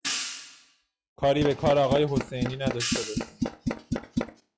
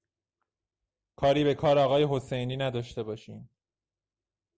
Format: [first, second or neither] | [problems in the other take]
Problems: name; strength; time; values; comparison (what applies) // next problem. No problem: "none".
second | noise reduction (classical method log-MMSE)